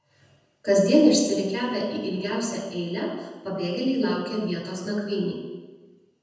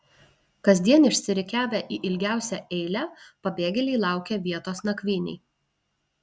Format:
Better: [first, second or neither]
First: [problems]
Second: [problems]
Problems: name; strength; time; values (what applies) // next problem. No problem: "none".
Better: second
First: room echo; dies away in 1 s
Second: none